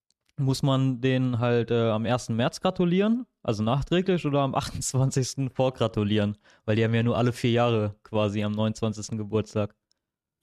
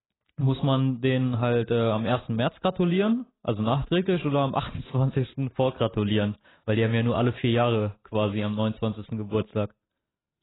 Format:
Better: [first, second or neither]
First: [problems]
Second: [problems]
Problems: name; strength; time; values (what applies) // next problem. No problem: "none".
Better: first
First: none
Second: garbled, watery; badly; nothing above 4 kHz